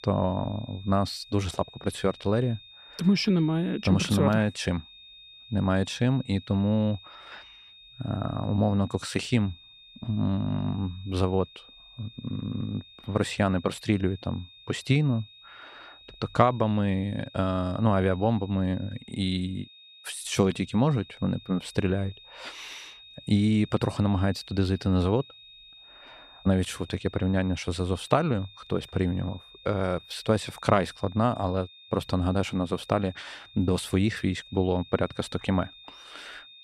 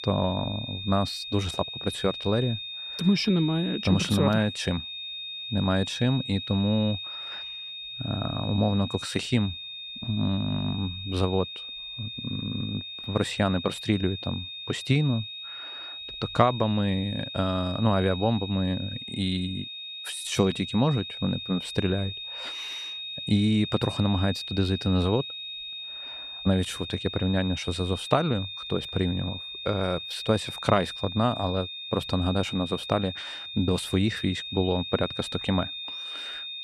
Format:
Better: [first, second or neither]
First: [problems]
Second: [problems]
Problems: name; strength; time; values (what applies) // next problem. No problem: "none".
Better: first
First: high-pitched whine; faint; throughout; 3.5 kHz, 20 dB below the speech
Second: high-pitched whine; loud; throughout; 3.5 kHz, 7 dB below the speech